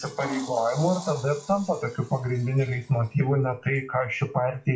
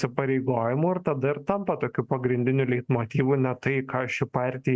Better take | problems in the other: second | noise reduction (classical method WPE with log-MMSE)

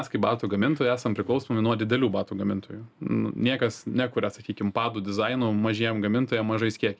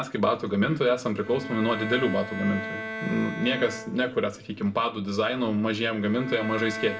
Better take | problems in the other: first | background sound (Bowed string instrument); 11 dB below the speech // room echo; dies away in 0.4 s

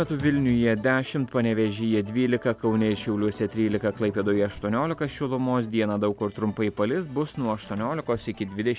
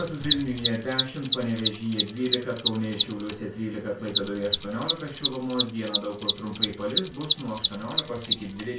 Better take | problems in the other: first | background sound (Mechanisms); 1 dB above the speech // room echo; dies away in 0.3 s

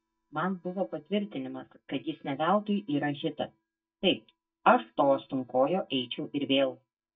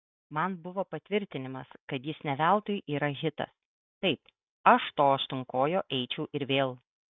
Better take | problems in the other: second | noise reduction (neural mask model DeepFilterNet 3)

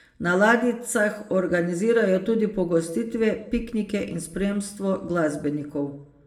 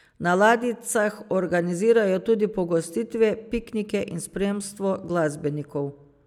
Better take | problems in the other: second | room echo; dies away in 0.5 s

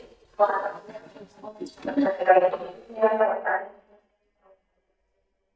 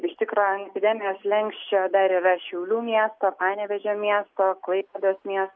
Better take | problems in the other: second | noise reduction (neural mask model DeepFilterNet 3)

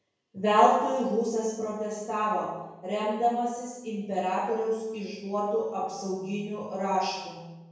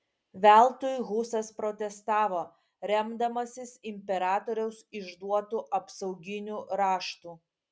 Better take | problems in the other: second | room echo; dies away in 1 s

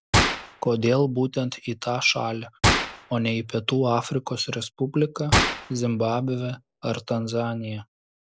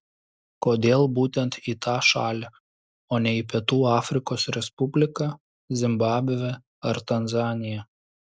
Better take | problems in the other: second | background sound (Gunshot, gunfire); 3 dB below the speech

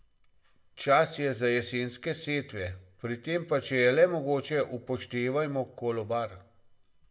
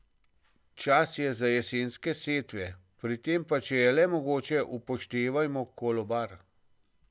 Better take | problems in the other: second | room echo; dies away in 0.5 s

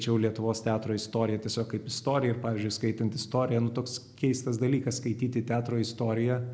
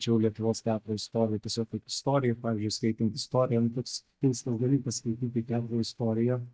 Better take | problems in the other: first | noise reduction (neural mask model DeepFilterNet 3)

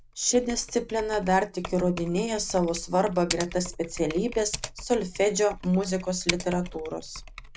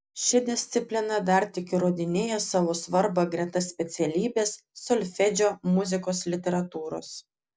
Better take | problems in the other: second | background sound (Typing); 12 dB below the speech

